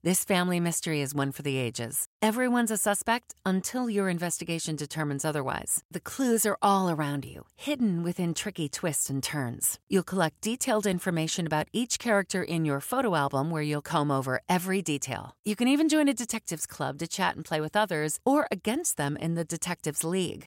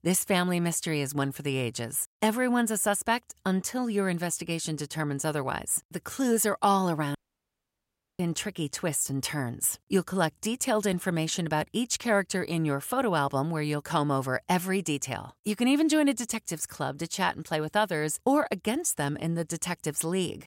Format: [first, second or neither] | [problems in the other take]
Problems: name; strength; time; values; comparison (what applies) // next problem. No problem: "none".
first | audio cutting out; at 7 s for 1 s